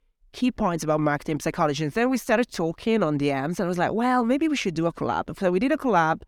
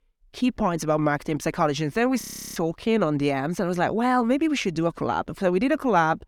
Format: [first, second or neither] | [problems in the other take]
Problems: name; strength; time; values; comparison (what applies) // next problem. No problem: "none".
first | audio freezing; at 2 s